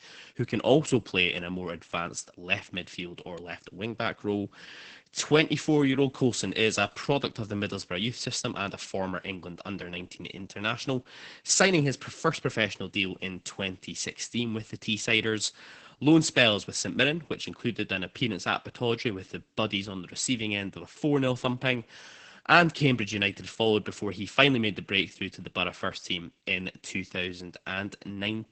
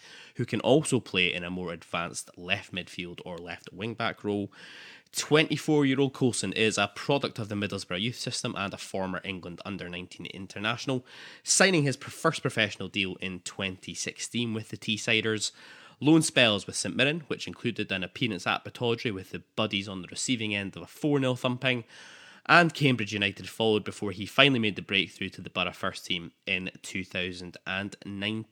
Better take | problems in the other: second | garbled, watery; badly; nothing above 8 kHz

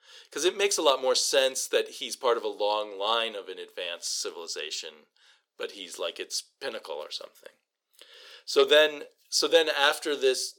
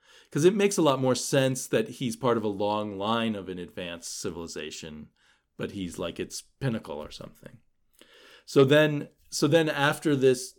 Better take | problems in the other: second | thin; very; fading below 450 Hz

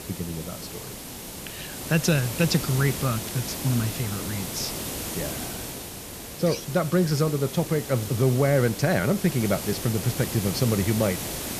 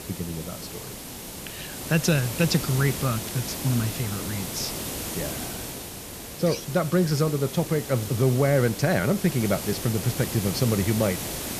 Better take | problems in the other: neither | hiss; loud; throughout; 7 dB below the speech; the same in both

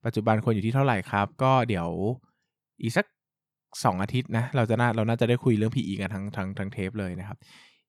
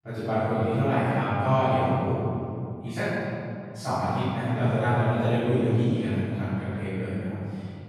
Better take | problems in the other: first | off-mic speech; far // room echo; strong; dies away in 2.6 s

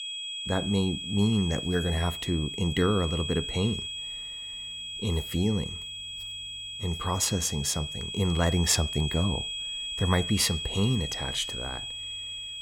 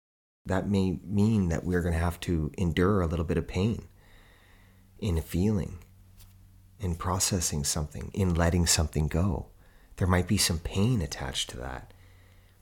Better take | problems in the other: second | high-pitched whine; loud; throughout; 3.5 kHz, 5 dB below the speech

